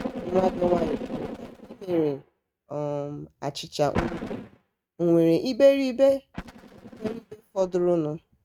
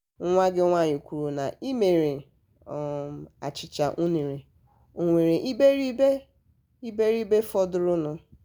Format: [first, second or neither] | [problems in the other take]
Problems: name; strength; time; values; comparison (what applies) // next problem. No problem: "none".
second | noise reduction (neural mask model RNNoise)